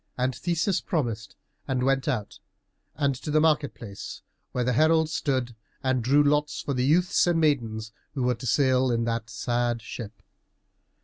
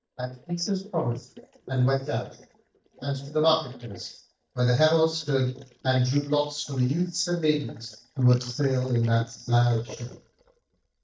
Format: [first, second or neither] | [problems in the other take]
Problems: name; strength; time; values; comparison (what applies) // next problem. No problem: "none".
first | noise reduction (neural mask model DeepFilterNet 3)